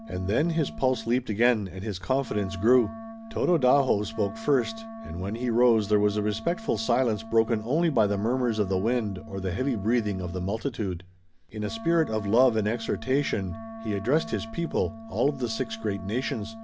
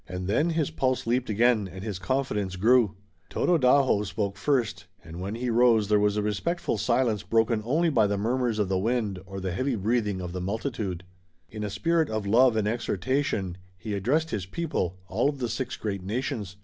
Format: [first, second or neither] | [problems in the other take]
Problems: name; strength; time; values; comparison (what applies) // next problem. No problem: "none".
second | background sound (Wind instrument, woodwind instrument); 14 dB below the speech